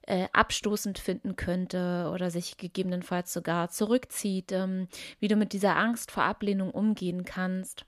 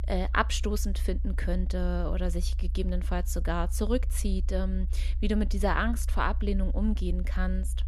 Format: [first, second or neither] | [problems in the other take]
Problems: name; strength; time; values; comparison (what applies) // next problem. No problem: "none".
first | low rumble; faint; throughout; 20 dB below the speech